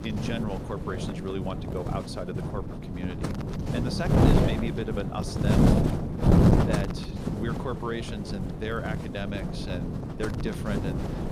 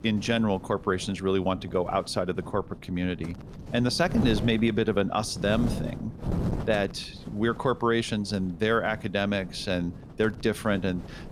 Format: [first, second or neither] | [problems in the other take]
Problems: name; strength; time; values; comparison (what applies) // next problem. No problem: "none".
second | wind noise on the microphone; heavy; 3 dB above the speech; occasional gusts in the second